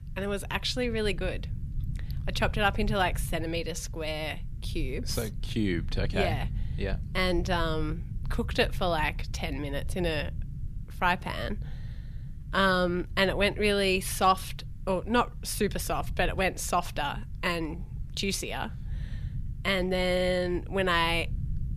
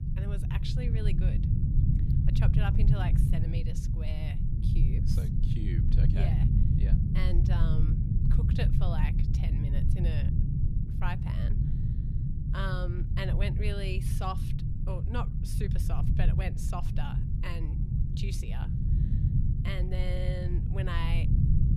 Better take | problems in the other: first | low rumble; loud; throughout; 1 dB below the speech; faint in the first

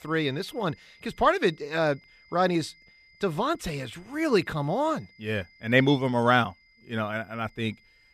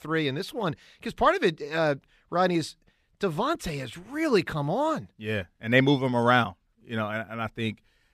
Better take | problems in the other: second | high-pitched whine; faint; throughout; 2 kHz, 30 dB below the speech

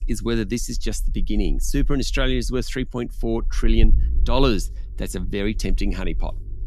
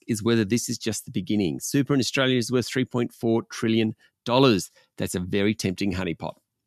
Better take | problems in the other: second | low rumble; faint; throughout; 20 dB below the speech

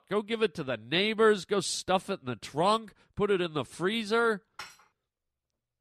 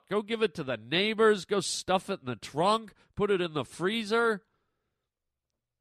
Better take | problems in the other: second | clattering dishes; faint; at 4.5 s; peak 15 dB below the speech

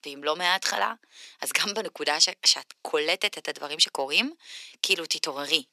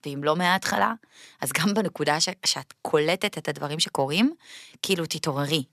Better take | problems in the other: second | thin; somewhat; fading below 350 Hz

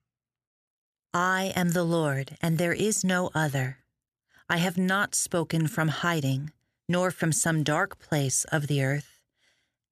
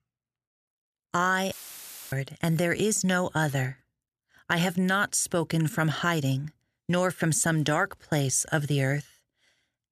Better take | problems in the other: first | audio cutting out; filled with static; at 1.5 s for 0.5 s

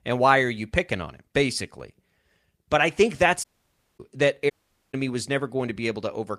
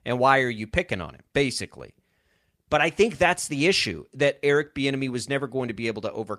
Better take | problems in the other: second | audio cutting out; at 3.5 s for 0.5 s and at 4.5 s

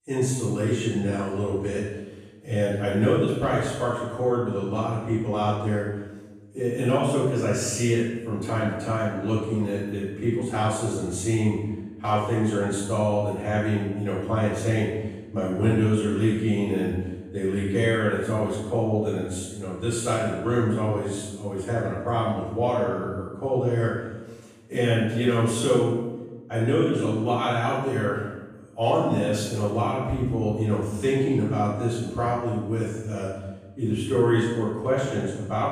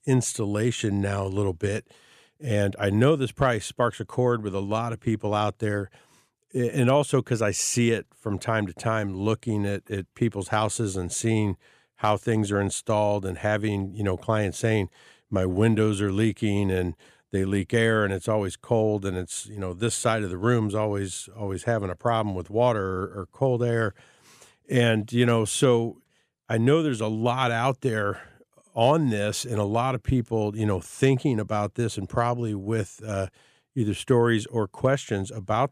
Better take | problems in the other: second | off-mic speech; far // room echo; strong; dies away in 0.9 s

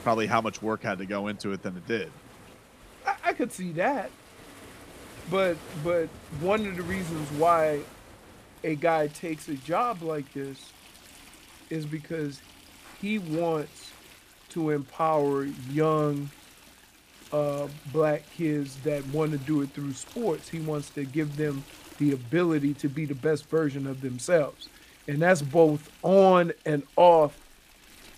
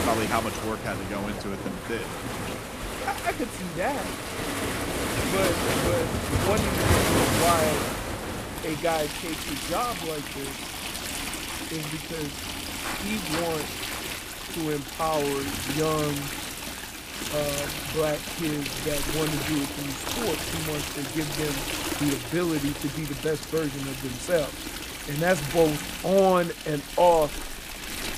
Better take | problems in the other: first | rain or running water; loud; throughout; 1 dB below the speech; faint in the first

